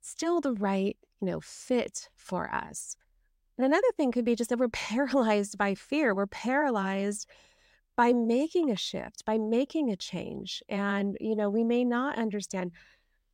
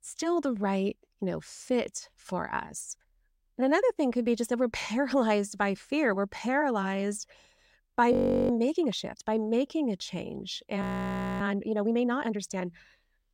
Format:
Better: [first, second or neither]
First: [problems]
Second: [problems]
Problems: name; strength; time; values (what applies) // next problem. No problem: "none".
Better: first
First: none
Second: audio freezing; at 8 s and at 11 s for 0.5 s